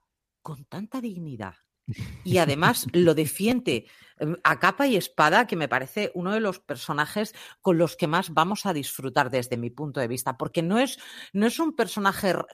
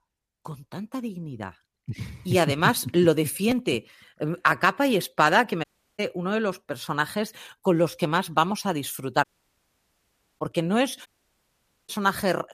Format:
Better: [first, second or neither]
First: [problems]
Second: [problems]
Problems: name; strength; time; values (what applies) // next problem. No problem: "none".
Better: first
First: none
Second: audio cutting out; at 5.5 s, at 9 s for 1 s and at 11 s for 1 s